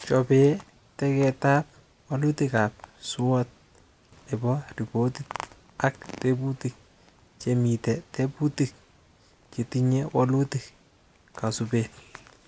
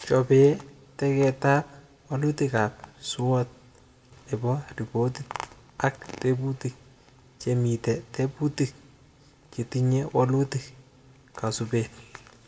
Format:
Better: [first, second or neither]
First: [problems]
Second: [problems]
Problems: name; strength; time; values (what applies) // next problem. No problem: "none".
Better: first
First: none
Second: room echo; dies away in 0.9 s